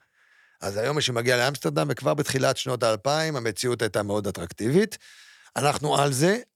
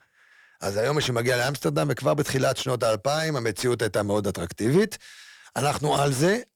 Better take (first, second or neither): first